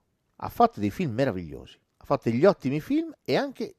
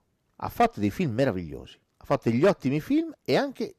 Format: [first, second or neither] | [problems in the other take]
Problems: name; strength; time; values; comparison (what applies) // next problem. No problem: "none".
first | distortion; slight; 1.8% of the sound clipped